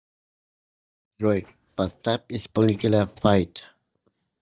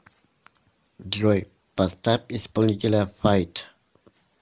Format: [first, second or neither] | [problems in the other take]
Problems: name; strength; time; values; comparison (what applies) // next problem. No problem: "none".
second | noise reduction (neural mask model DeepFilterNet 3)